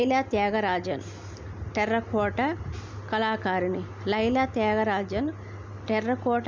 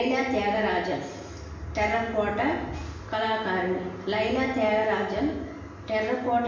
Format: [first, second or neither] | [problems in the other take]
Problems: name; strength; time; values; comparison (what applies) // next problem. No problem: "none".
first | room echo; dies away in 0.9 s